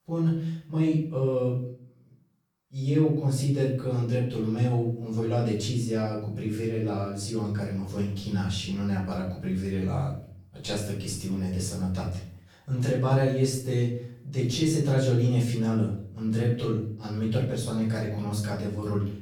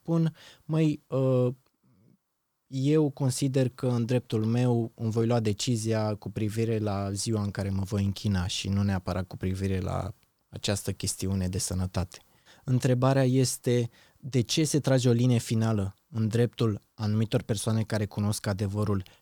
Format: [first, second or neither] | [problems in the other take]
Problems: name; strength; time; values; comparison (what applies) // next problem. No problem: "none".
second | off-mic speech; far // room echo; noticeable; dies away in 0.5 s